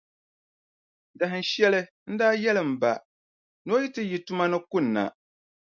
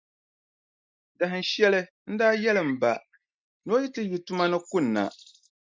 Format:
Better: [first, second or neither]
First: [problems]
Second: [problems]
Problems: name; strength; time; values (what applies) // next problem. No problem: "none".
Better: first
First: none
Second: noise reduction (neural mask model DeepFilterNet 3)